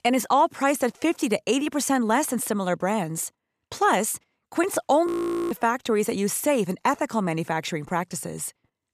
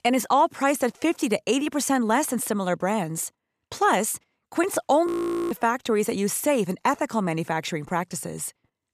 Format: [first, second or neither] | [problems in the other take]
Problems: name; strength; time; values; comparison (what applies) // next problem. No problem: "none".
neither | audio freezing; at 5 s; the same in both